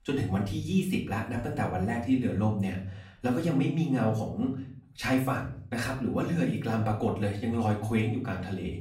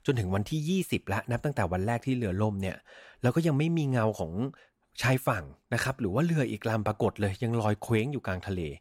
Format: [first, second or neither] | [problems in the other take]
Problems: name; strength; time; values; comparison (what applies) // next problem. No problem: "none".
second | off-mic speech; far // room echo; slight; dies away in 0.5 s